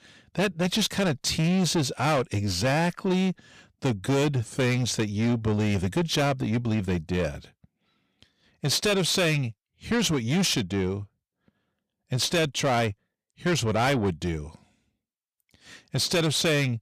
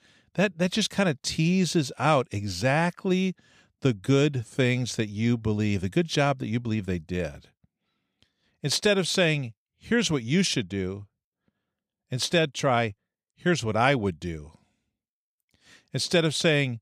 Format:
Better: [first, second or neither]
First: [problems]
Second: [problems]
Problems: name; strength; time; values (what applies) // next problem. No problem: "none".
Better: second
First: distortion; heavy; 8 dB below the speech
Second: none